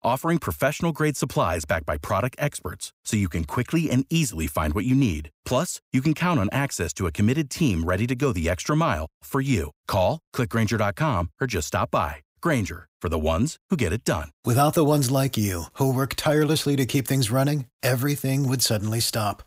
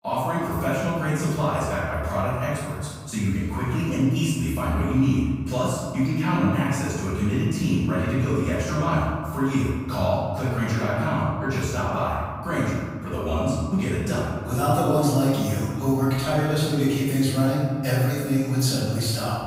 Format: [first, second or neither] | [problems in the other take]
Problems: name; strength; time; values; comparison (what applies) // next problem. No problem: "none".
first | room echo; strong; dies away in 1.6 s // off-mic speech; far